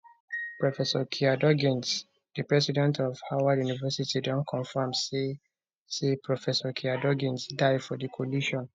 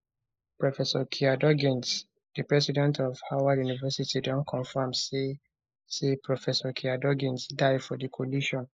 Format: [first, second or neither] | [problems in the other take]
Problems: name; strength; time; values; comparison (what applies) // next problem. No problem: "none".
first | noise reduction (neural mask model Resemble Enhance denoiser)